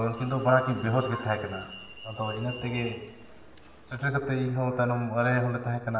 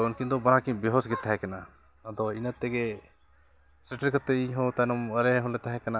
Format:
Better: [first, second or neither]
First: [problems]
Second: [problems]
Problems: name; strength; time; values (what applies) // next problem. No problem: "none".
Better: second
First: background sound (Alarm); 17 dB below the speech // room echo; dies away in 1 s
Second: none